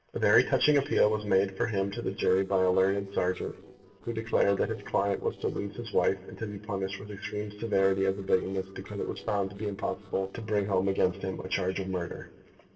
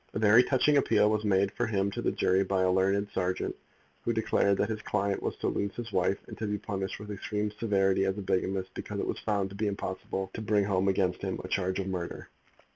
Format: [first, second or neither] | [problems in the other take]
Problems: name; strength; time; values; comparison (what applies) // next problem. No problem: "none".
second | noise reduction (neural separator model SepFormer DNS4)